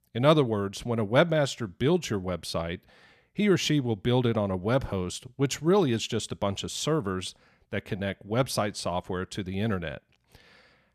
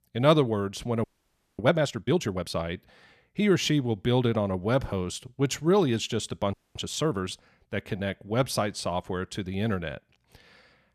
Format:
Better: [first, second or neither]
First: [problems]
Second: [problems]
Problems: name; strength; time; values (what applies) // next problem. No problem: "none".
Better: first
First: none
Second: audio freezing; at 1 s for 0.5 s and at 6.5 s